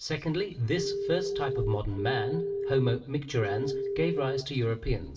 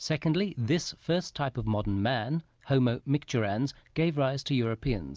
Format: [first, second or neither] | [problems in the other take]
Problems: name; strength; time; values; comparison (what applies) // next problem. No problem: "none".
second | background sound (Telephone); 1 dB below the speech // room echo; dies away in 0.8 s